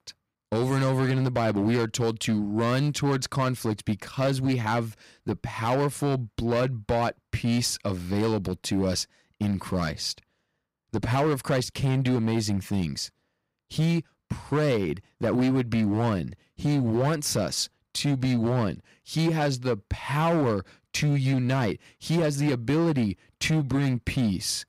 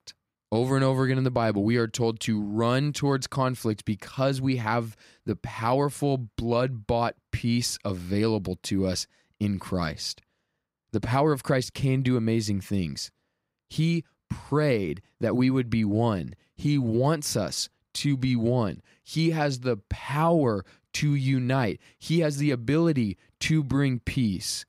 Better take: second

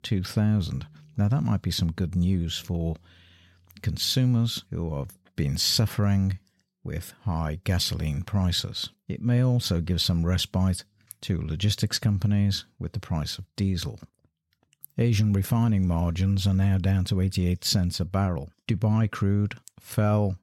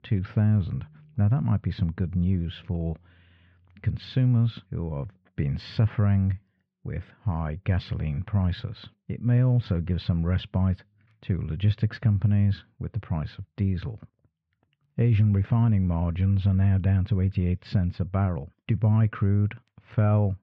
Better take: first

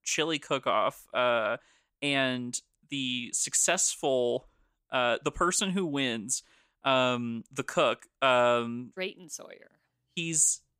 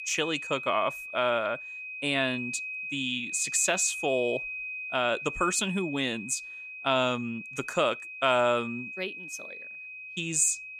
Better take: first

